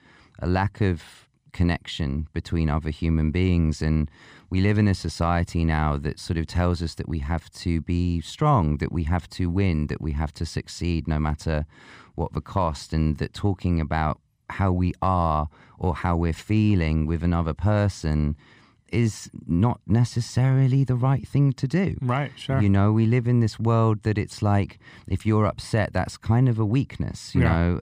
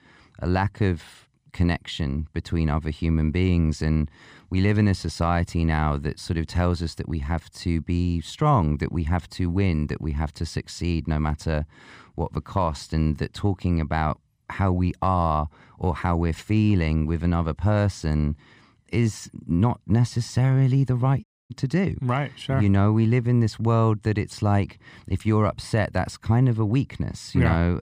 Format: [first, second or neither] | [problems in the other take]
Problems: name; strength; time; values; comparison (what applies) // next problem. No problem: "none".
first | audio cutting out; at 21 s